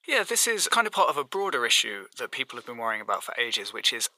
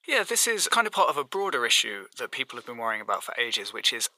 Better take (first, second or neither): neither